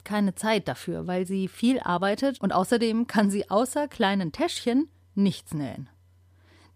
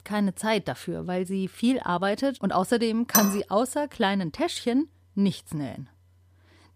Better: first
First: none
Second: clattering dishes; loud; at 3 s; peak 3 dB above the speech

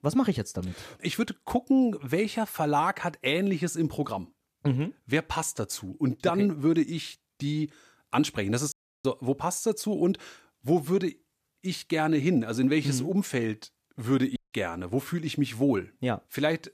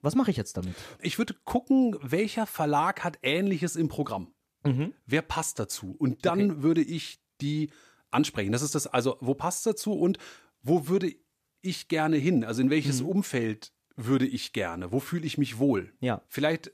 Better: second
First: audio cutting out; at 8.5 s and at 14 s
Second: none

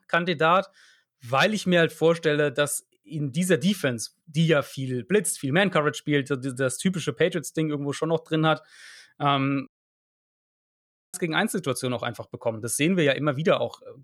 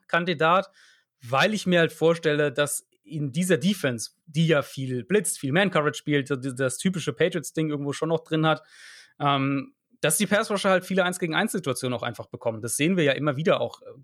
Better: second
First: audio cutting out; at 9.5 s for 1.5 s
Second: none

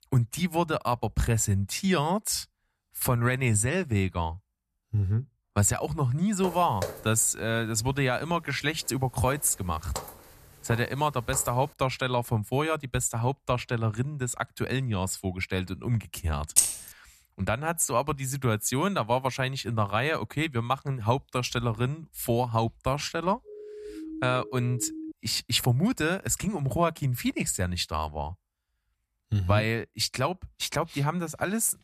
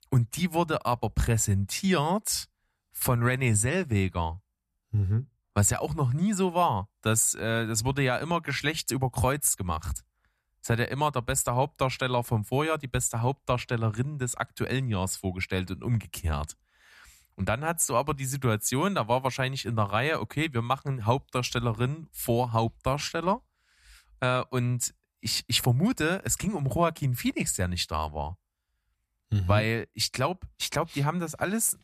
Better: second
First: footsteps; noticeable; from 6.5 to 11 s; peak 8 dB below the speech // jangling keys; loud; at 17 s; peak 6 dB above the speech // siren; faint; from 23 to 25 s; peak 10 dB below the speech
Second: none

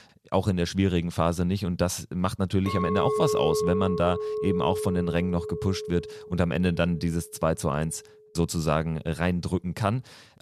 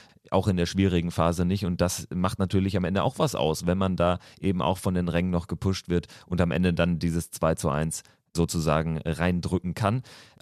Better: second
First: clattering dishes; loud; from 2.5 to 7 s; peak 1 dB above the speech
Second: none

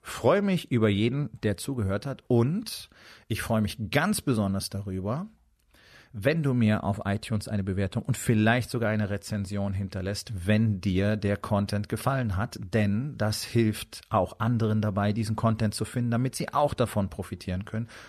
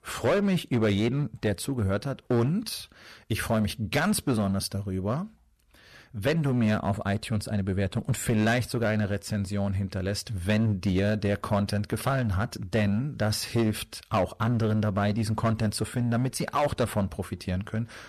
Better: first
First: none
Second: distortion; slight; 8% of the sound clipped

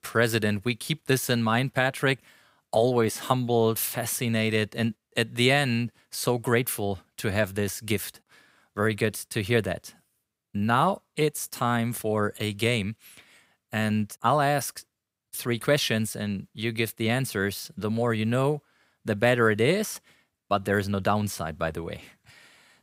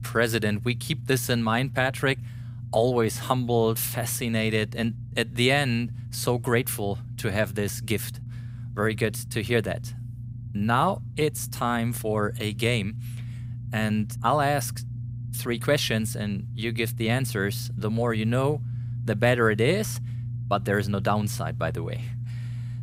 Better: first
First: none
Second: low rumble; faint; throughout; 20 dB below the speech

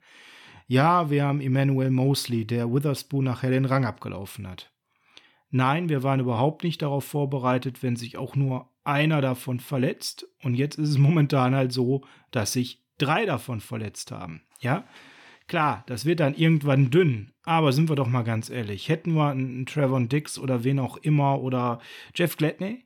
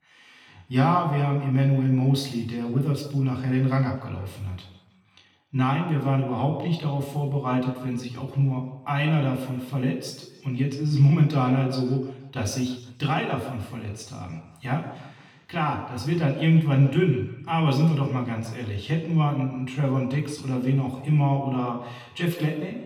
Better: first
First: none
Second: room echo; slight; dies away in 1 s // off-mic speech; far

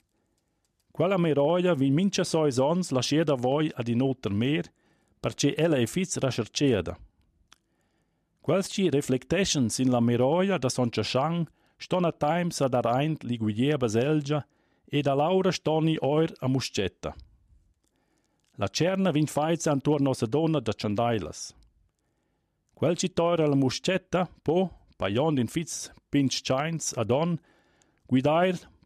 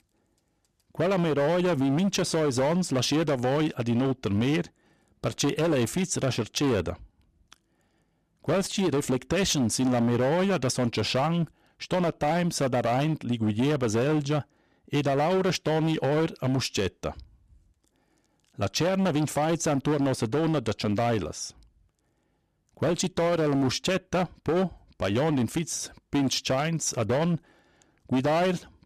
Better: first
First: none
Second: distortion; slight; 16% of the sound clipped

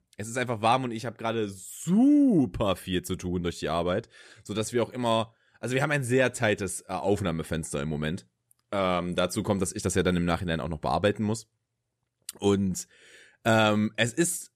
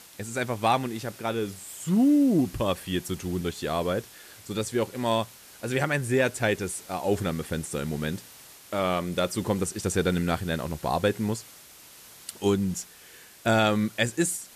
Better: first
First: none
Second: hiss; noticeable; throughout; 20 dB below the speech

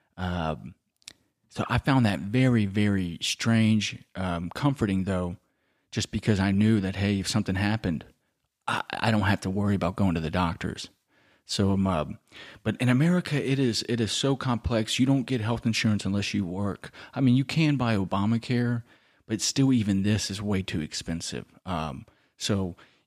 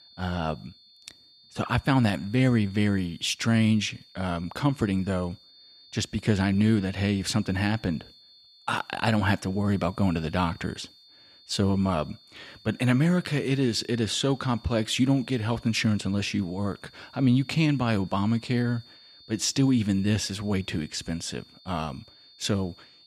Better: first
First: none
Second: high-pitched whine; faint; throughout; 4.5 kHz, 25 dB below the speech

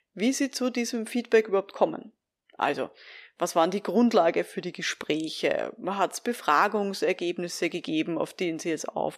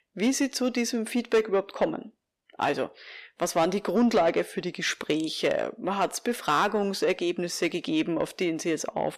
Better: first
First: none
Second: distortion; slight; 10 dB below the speech

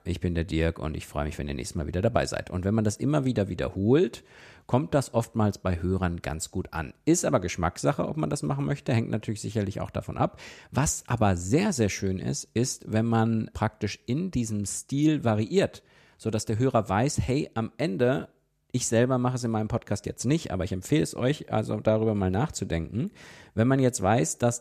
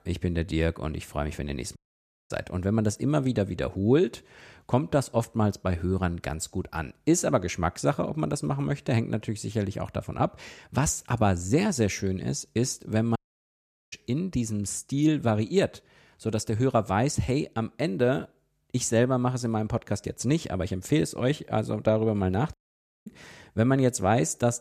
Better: first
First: none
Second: audio cutting out; at 2 s for 0.5 s, at 13 s for 1 s and at 23 s for 0.5 s

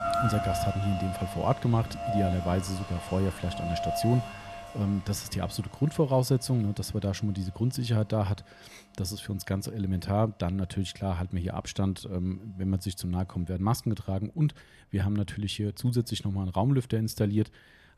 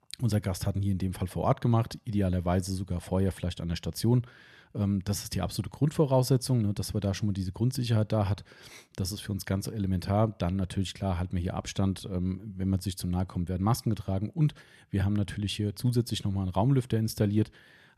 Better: second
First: rain or running water; loud; throughout; 6 dB below the speech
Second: none

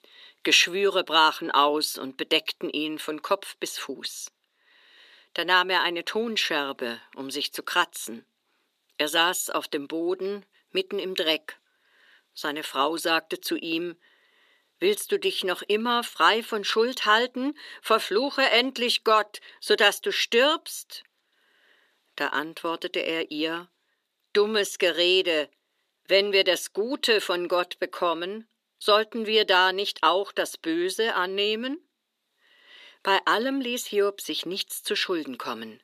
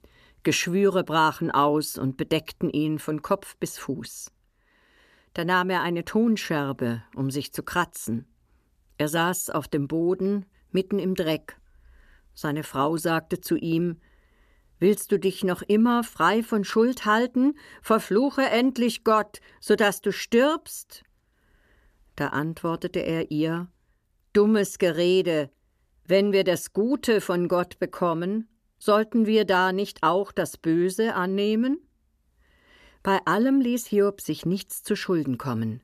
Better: second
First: thin; somewhat; fading below 350 Hz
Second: none

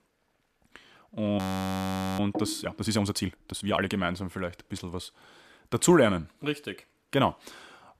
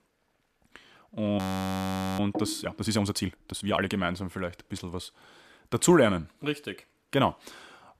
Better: neither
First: audio freezing; at 1.5 s for 1 s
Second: audio freezing; at 1.5 s for 1 s

